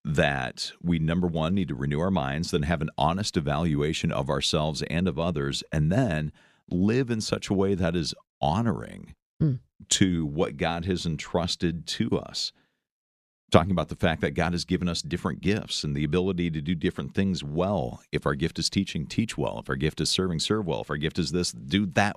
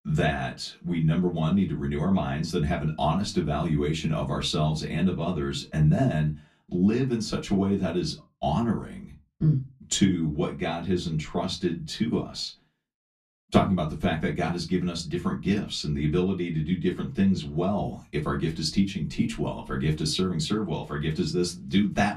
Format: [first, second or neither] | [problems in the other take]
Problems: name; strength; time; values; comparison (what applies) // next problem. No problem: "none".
first | off-mic speech; far // room echo; very slight; dies away in 0.2 s